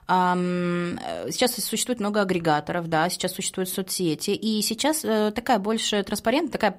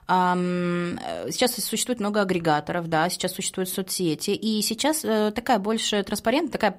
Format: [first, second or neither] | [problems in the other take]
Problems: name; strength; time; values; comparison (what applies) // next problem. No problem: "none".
neither | none